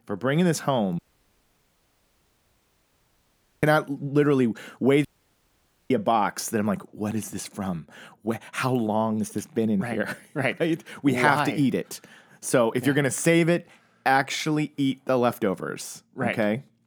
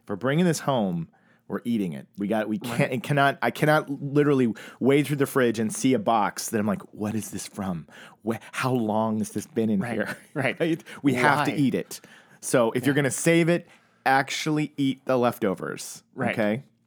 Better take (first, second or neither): second